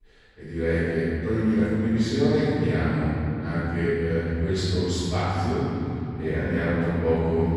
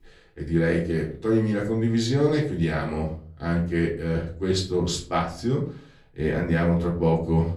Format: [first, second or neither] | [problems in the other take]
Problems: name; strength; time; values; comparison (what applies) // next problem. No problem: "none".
second | room echo; strong; dies away in 3 s; slight in the second // off-mic speech; far; far in the second